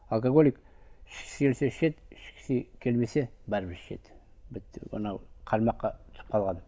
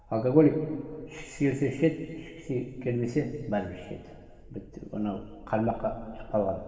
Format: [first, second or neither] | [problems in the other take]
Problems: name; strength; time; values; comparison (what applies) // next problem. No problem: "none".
first | room echo; dies away in 2.1 s